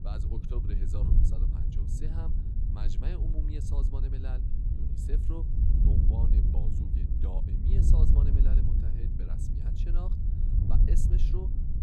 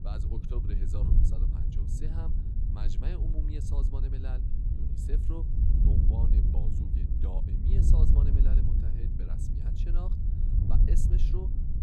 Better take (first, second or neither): neither